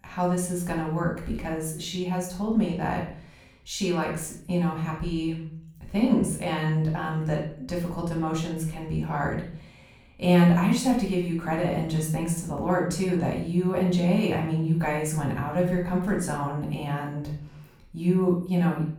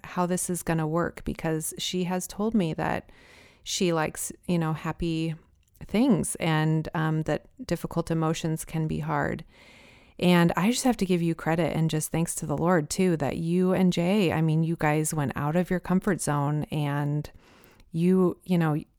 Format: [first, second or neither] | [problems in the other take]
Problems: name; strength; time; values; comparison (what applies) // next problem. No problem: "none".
second | off-mic speech; far // room echo; noticeable; dies away in 0.5 s